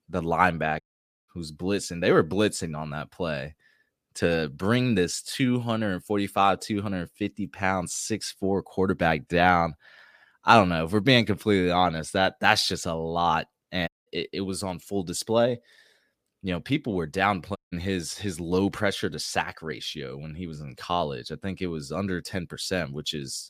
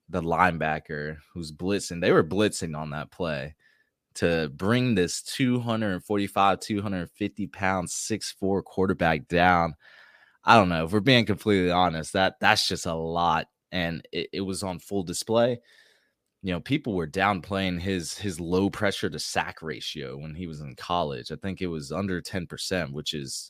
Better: second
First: audio cutting out; at 1 s, at 14 s and at 18 s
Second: none

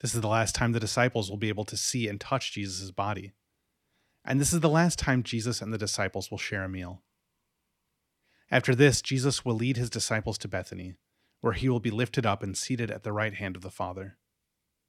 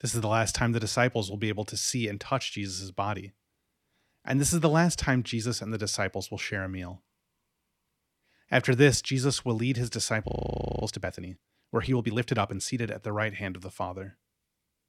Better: first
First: none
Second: audio freezing; at 10 s for 0.5 s

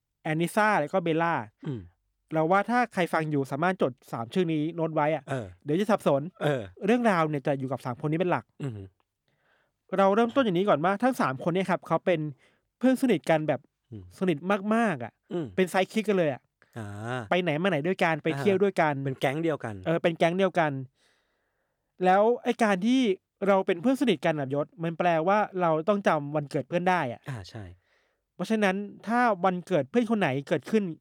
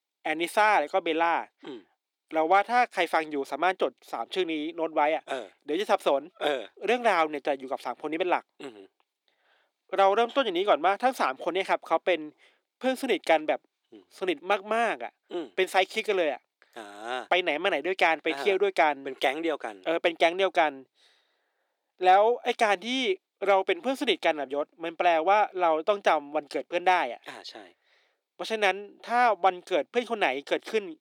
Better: first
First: none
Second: thin; somewhat; fading below 350 Hz

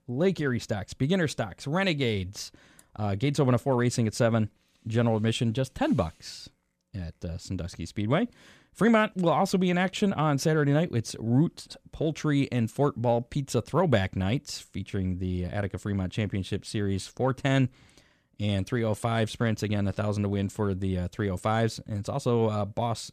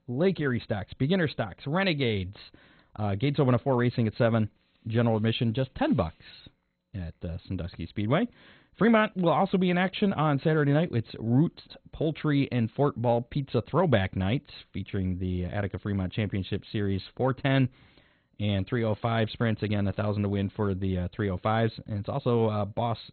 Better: first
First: none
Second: garbled, watery; badly; nothing above 4 kHz

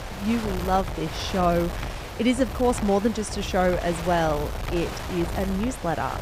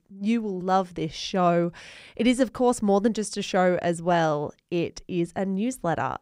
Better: second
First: wind noise on the microphone; heavy; 8 dB below the speech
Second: none

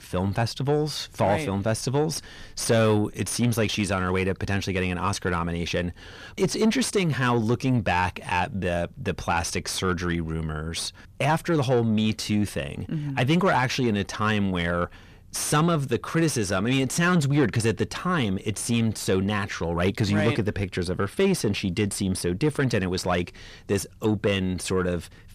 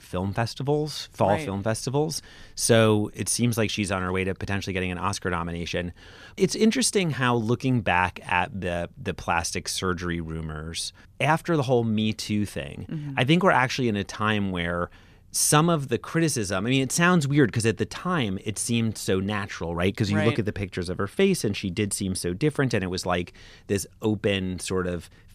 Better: second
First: distortion; slight; 10 dB below the speech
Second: none

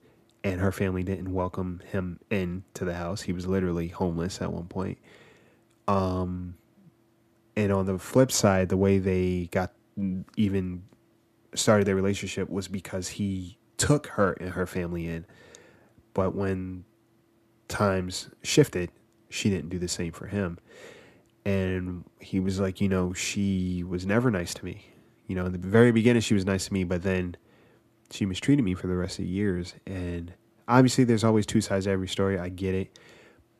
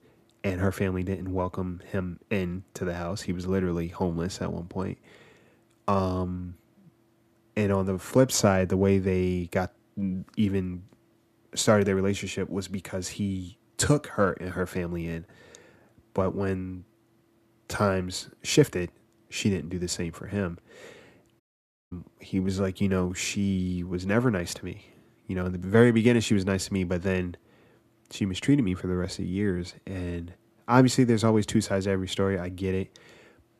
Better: first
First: none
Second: audio cutting out; at 21 s for 0.5 s

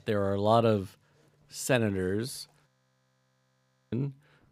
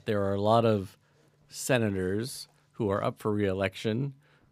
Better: second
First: audio freezing; at 2.5 s for 1.5 s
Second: none

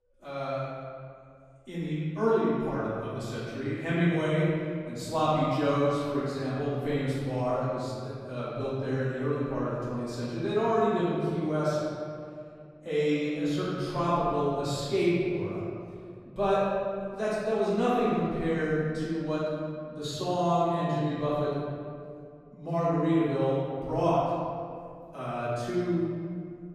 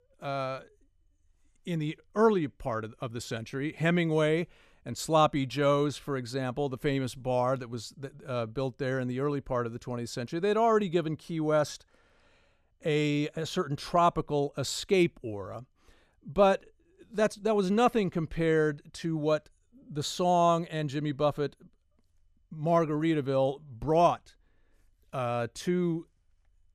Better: second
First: off-mic speech; far // room echo; strong; dies away in 2.1 s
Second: none

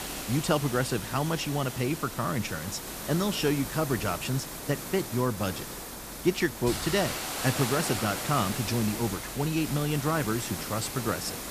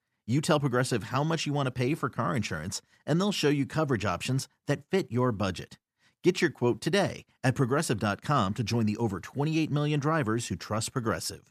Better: second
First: hiss; loud; throughout; 5 dB below the speech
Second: none

